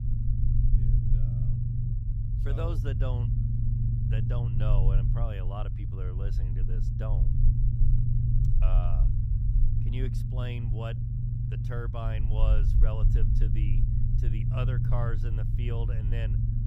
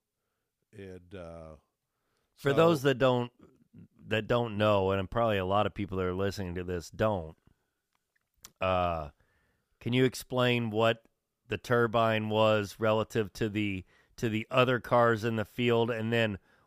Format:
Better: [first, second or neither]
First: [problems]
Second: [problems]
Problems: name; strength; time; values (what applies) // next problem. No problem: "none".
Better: second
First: low rumble; loud; throughout; 1 dB below the speech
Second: none